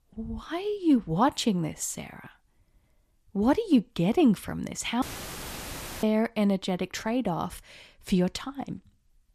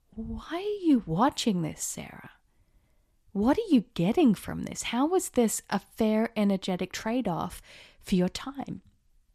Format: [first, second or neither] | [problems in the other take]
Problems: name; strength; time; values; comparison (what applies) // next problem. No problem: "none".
second | audio cutting out; filled with static; at 5 s for 1 s